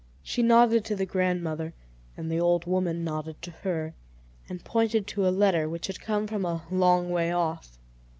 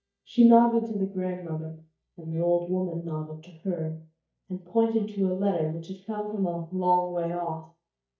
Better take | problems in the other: first | noise reduction (neural mask model DeepFilterNet 3)

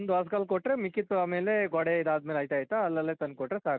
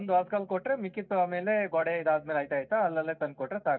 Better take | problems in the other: first | noise reduction (neural mask model DeepFilterNet 3)

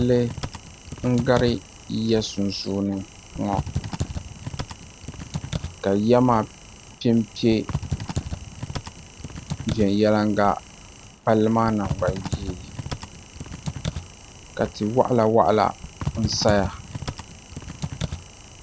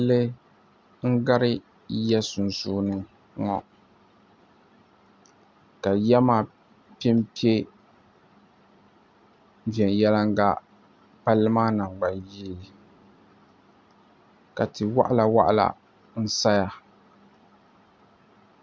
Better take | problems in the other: second | background sound (Typing); 9 dB below the speech

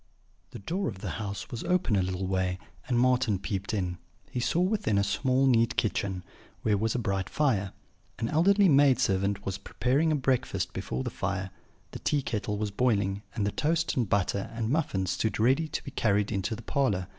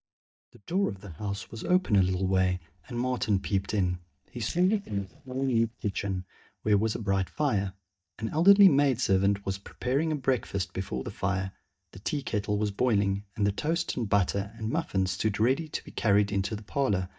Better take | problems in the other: first | noise reduction (neural mask model DeepFilterNet 3)

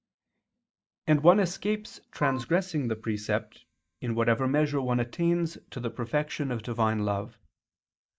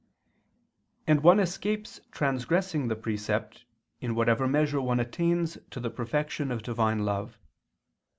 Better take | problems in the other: second | noise reduction (neural mask model DeepFilterNet 3)

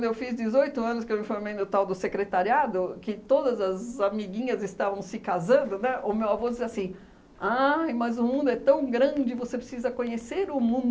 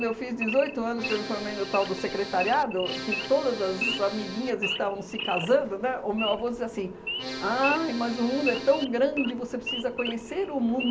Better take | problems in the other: first | background sound (Idling / Wild animals + Accordion); 7 dB below the speech

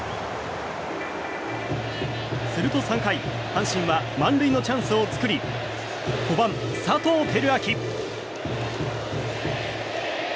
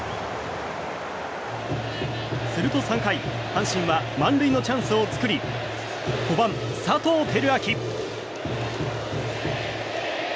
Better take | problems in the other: second | background sound (Ringtone / Keyboard (musical)); 14 dB below the speech

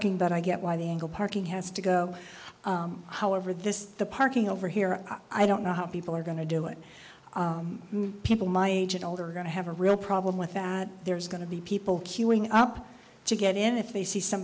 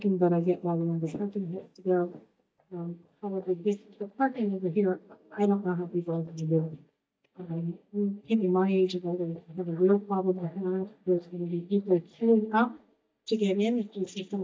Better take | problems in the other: first | noise reduction (neural mask model DeepFilterNet 3)

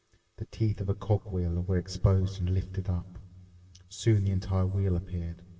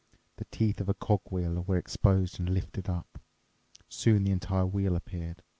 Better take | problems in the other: second | room echo; dies away in 2.9 s

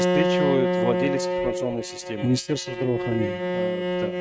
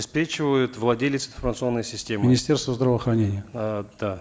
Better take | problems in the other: second | noise reduction (neural mask model RNNoise)

